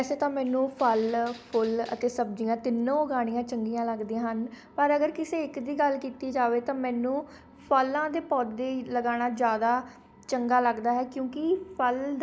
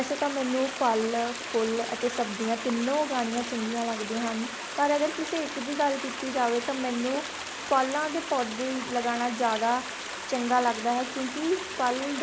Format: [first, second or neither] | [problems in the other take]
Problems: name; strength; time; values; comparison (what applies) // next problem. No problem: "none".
first | background sound (Stream); 8 dB below the speech